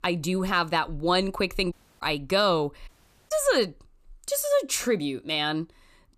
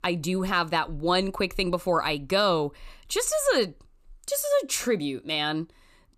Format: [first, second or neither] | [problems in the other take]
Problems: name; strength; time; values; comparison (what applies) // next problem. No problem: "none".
second | audio cutting out; at 1.5 s and at 3 s